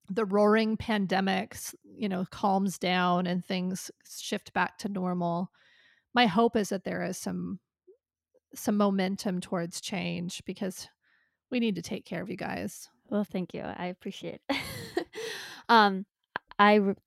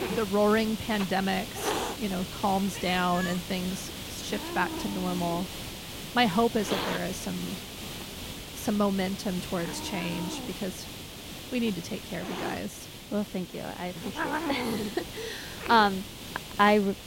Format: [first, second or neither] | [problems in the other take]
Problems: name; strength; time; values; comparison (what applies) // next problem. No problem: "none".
first | hiss; loud; throughout; 7 dB below the speech